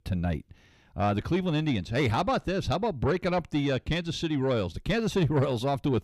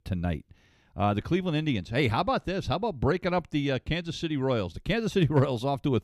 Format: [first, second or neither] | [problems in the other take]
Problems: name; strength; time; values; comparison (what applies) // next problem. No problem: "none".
second | distortion; slight; 10 dB below the speech